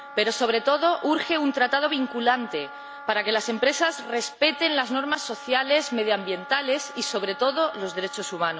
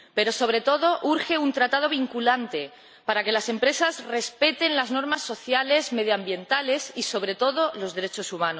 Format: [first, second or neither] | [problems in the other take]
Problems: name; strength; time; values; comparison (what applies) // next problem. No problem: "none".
second | background sound (Wind instrument, woodwind instrument); 15 dB below the speech